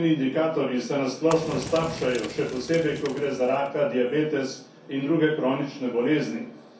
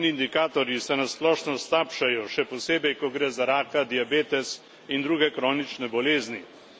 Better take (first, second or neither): second